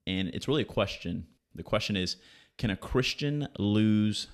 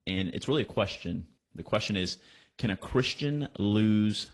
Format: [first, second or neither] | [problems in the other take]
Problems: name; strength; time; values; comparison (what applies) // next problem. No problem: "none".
first | garbled, watery; slightly; nothing above 11.5 kHz